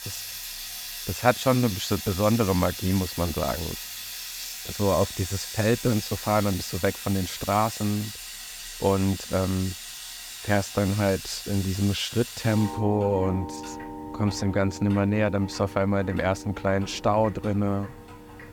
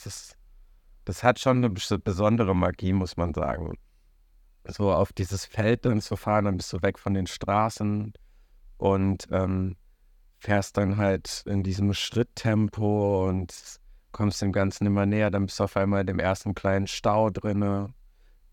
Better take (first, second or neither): second